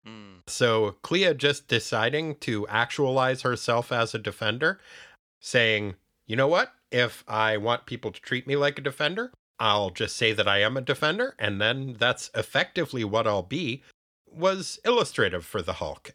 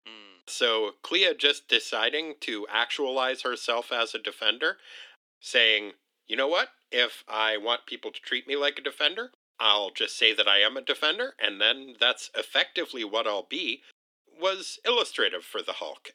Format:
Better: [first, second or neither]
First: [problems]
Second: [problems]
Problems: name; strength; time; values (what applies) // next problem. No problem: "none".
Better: first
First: none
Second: thin; somewhat; fading below 250 Hz